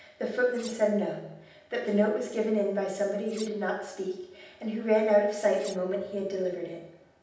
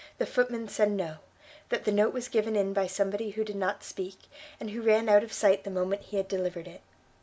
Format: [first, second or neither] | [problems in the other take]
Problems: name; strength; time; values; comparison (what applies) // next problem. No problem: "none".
second | background sound (Cutlery, silverware); 20 dB below the speech // room echo; dies away in 0.8 s